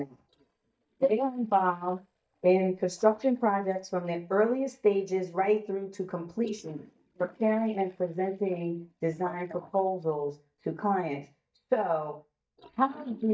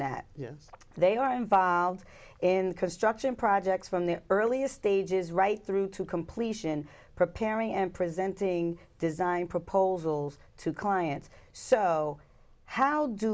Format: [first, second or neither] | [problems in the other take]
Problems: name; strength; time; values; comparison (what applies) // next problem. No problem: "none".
second | noise reduction (neural mask model DeepFilterNet 3)